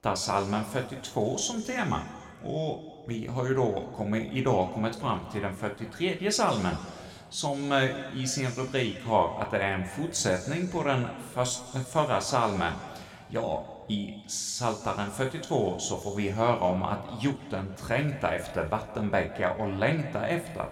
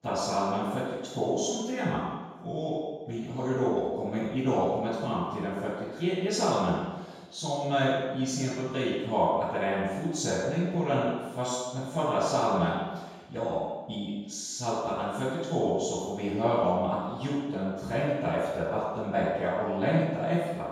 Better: first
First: room echo; slight; dies away in 1.8 s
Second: room echo; strong; dies away in 1.2 s // off-mic speech; far

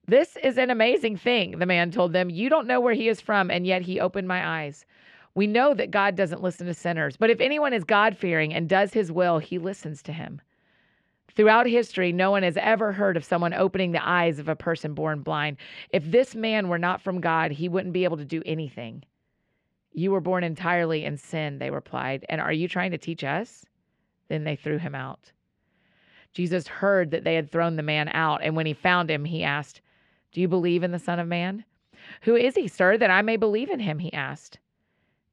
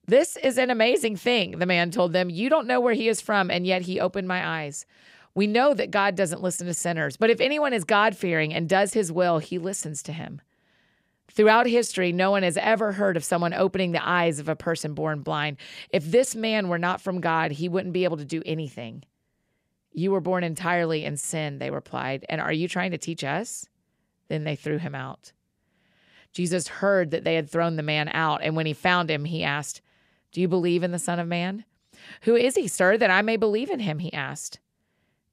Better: second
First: muffled; slightly; fading above 3 kHz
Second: none

